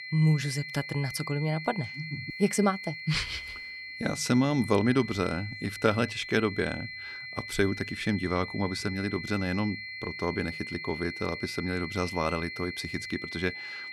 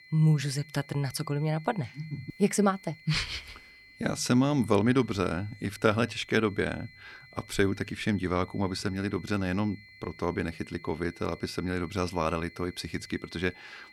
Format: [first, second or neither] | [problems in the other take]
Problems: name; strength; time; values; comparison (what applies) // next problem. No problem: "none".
second | high-pitched whine; loud; throughout; 2 kHz, 8 dB below the speech; faint in the second